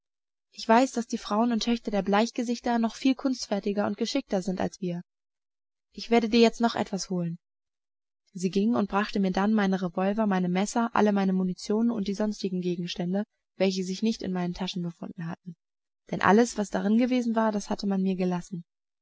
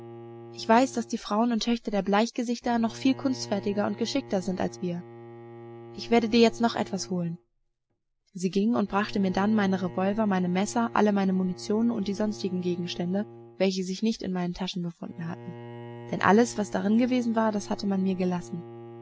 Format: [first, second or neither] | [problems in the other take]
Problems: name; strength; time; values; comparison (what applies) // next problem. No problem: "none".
first | background sound (Bowed string instrument); 17 dB below the speech